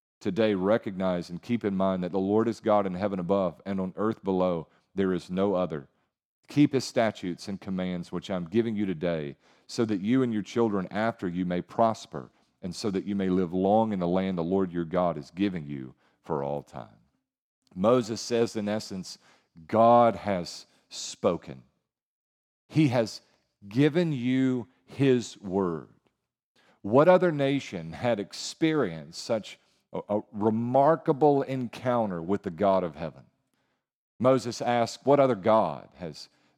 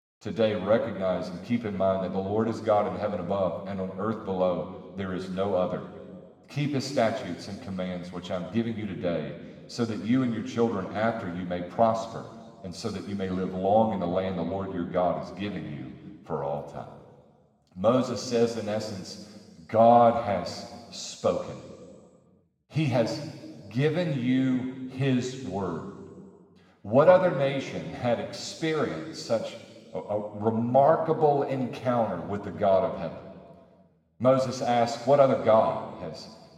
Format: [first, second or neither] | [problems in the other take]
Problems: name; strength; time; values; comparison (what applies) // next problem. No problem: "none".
first | room echo; noticeable; dies away in 1.8 s // off-mic speech; somewhat distant